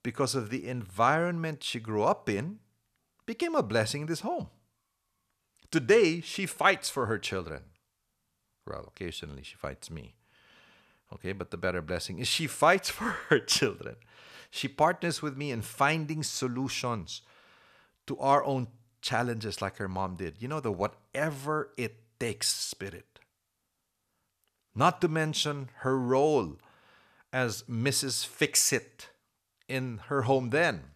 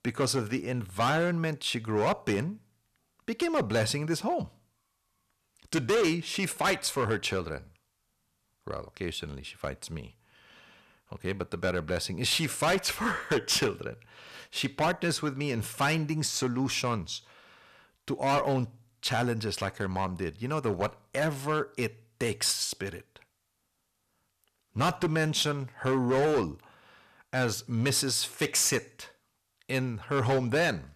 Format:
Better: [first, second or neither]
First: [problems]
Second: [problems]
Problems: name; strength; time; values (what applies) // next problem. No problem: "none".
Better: first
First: none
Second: distortion; heavy; 6% of the sound clipped